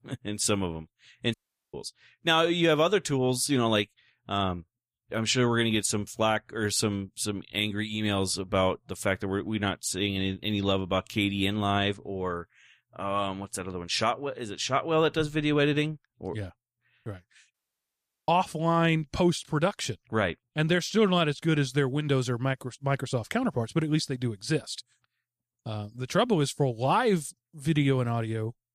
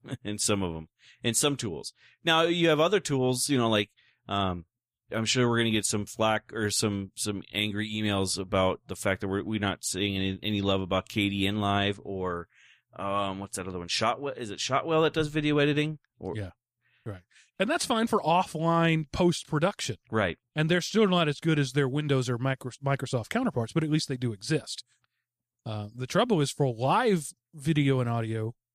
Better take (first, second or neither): second